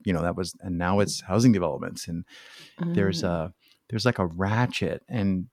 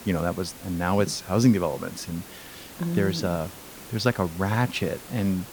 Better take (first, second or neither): first